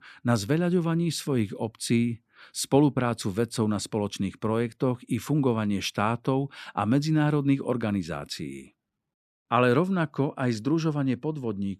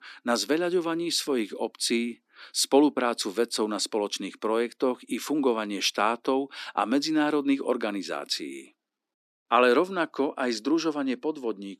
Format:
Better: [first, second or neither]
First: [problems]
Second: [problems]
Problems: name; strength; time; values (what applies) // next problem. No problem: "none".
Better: first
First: none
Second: thin; very slightly; fading below 250 Hz